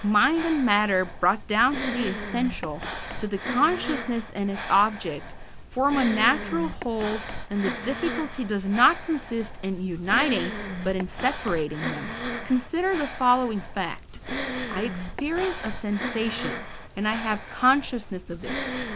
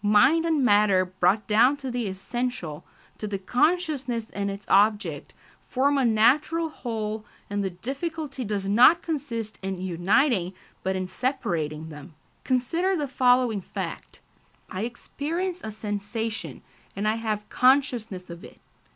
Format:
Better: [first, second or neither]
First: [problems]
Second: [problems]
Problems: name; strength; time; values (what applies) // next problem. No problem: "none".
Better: second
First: background sound (Breathing); 7 dB below the speech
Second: none